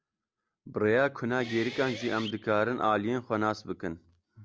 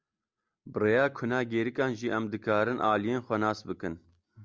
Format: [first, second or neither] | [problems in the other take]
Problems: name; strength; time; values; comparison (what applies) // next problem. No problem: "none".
second | background sound (Guitar); 14 dB below the speech